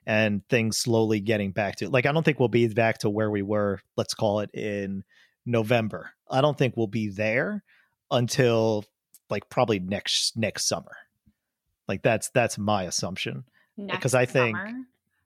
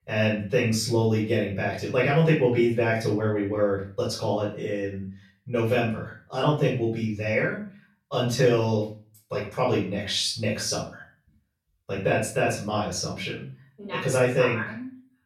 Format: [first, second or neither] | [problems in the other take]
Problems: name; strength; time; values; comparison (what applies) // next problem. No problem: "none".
first | off-mic speech; far // room echo; noticeable; dies away in 0.4 s